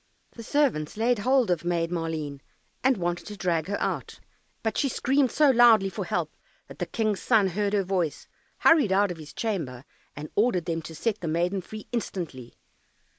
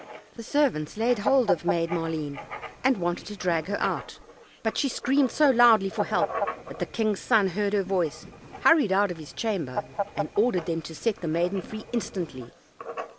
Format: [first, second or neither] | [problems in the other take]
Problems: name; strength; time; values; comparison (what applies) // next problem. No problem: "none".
first | background sound (Fowl + Writing); 10 dB below the speech